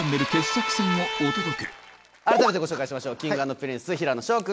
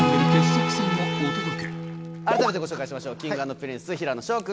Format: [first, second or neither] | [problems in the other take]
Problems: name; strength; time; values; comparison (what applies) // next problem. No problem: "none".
first | background sound (Acoustic guitar / Strum); as loud as the speech